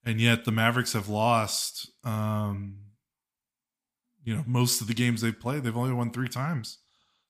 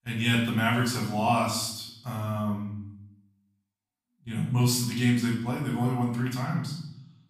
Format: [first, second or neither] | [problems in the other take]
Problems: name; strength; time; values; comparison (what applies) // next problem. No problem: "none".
first | room echo; noticeable; dies away in 0.7 s // off-mic speech; far